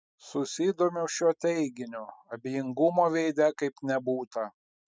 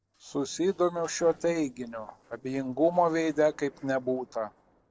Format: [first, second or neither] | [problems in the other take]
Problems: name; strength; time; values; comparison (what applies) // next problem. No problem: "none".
first | noise reduction (neural separator model SepFormer DNS4)